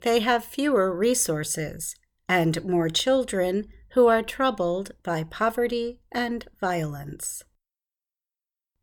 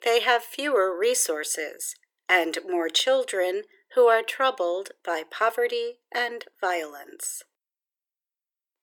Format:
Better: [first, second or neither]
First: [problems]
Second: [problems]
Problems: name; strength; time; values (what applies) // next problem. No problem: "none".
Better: first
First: none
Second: thin; very; fading below 350 Hz